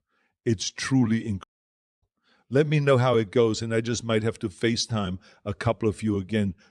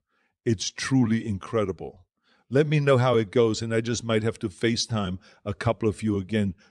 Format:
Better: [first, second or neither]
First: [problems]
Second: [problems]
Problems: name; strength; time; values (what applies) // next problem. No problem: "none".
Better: second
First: audio cutting out; at 1.5 s for 0.5 s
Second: none